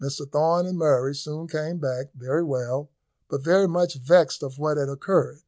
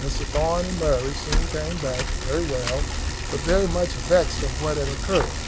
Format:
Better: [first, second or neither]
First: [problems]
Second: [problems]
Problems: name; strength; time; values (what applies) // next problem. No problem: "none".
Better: first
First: none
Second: background sound (Bicycle); 1 dB below the speech